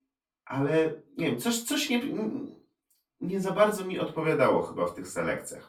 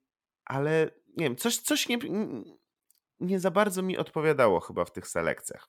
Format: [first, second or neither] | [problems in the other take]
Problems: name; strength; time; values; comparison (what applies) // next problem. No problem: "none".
second | off-mic speech; far // room echo; very slight; dies away in 0.2 s